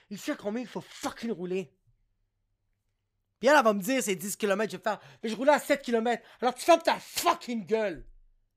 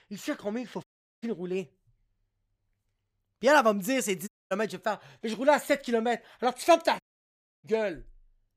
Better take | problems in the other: first | audio cutting out; at 1 s, at 4.5 s and at 7 s for 0.5 s

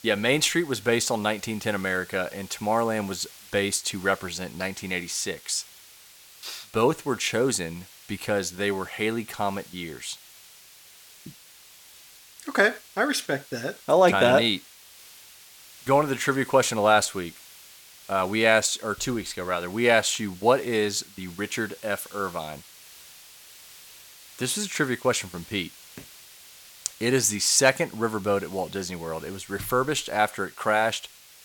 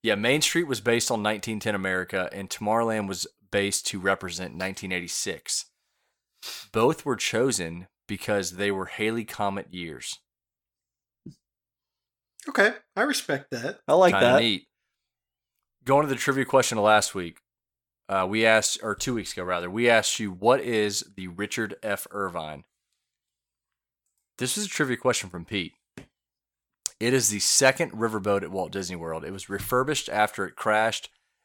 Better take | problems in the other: second | hiss; faint; throughout; 20 dB below the speech

